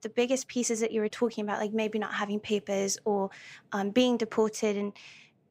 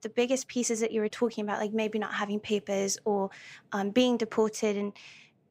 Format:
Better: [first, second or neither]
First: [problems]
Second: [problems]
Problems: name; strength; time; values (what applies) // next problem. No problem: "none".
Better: neither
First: none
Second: none